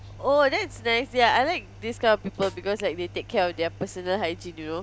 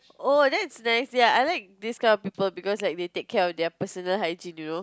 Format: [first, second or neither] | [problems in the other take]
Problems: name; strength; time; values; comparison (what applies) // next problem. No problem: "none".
second | background sound (Snare drum + Engine); 18 dB below the speech